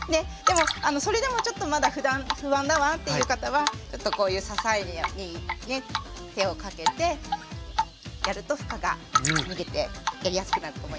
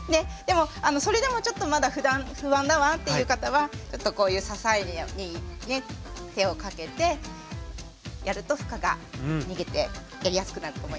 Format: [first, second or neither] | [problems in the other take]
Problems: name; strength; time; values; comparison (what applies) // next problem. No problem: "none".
second | background sound (Drip); 4 dB below the speech